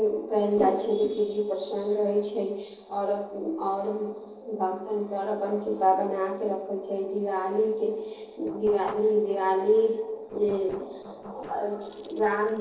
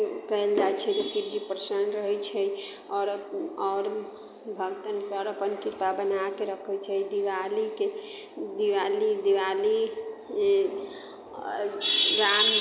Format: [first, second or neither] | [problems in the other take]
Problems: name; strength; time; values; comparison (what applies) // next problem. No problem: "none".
second | noise reduction (neural separator model SepFormer DNS4)